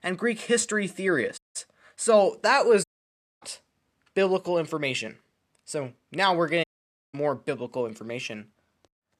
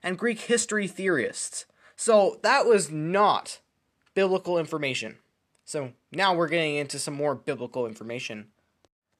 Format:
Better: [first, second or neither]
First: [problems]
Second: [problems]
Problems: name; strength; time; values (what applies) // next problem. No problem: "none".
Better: second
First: audio cutting out; at 1.5 s, at 3 s for 0.5 s and at 6.5 s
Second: none